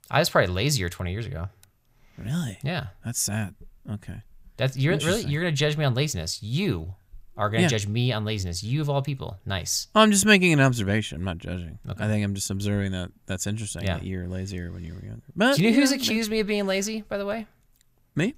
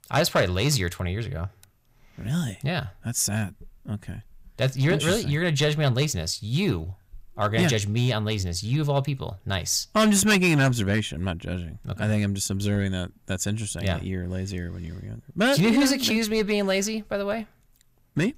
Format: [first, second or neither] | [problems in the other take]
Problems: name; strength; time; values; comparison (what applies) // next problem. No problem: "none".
first | distortion; slight; 3% of the sound clipped